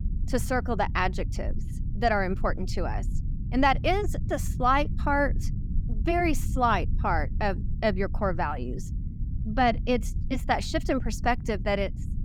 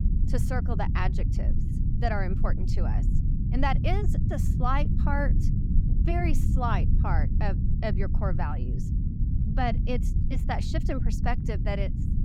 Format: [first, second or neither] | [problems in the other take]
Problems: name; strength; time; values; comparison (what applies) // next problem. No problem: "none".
first | low rumble; loud; throughout; 8 dB below the speech; faint in the first